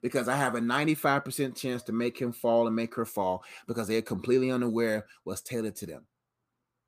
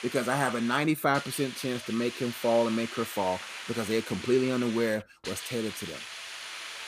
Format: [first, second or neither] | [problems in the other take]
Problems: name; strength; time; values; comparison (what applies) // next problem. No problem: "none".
first | hiss; loud; throughout; 10 dB below the speech